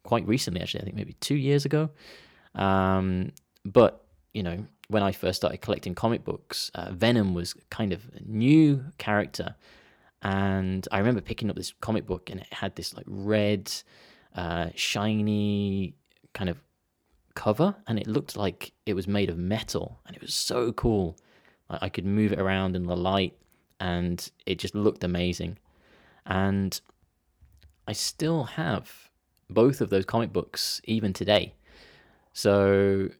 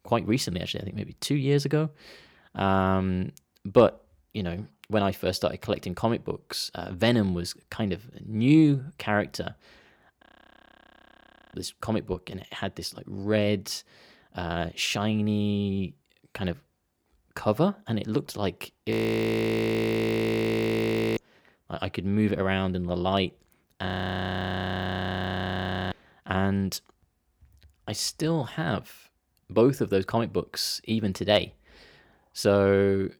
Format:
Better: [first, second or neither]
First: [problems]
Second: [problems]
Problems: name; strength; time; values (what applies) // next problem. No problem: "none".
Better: first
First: none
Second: audio freezing; at 10 s for 1.5 s, at 19 s for 2.5 s and at 24 s for 2 s